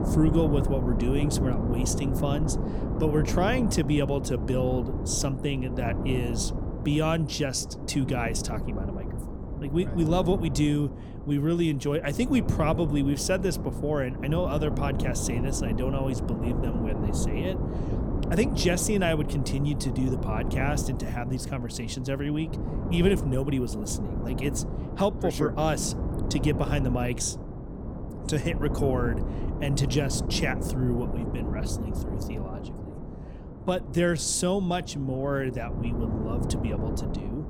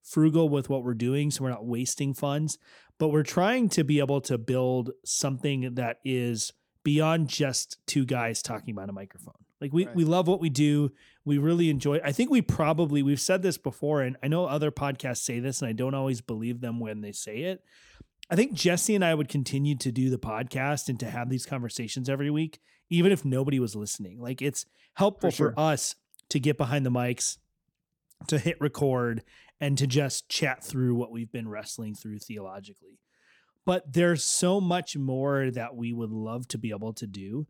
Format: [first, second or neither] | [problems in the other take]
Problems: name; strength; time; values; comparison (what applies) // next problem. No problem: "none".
second | wind noise on the microphone; heavy; 8 dB below the speech